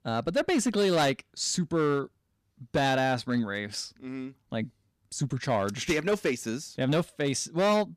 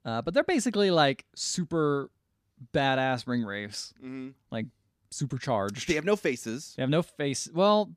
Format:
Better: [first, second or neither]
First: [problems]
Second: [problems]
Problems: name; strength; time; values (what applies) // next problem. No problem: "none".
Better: second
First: distortion; slight; 7% of the sound clipped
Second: none